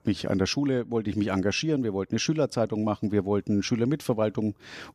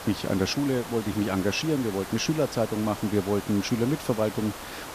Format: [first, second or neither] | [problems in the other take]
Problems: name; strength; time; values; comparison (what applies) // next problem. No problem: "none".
first | hiss; noticeable; throughout; 10 dB below the speech